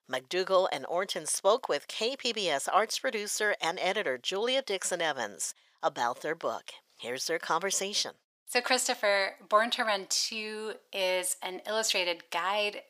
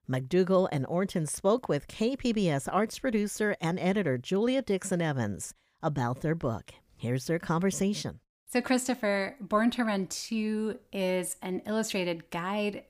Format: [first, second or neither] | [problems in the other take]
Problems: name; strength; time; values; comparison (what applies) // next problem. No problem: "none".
second | thin; very; fading below 700 Hz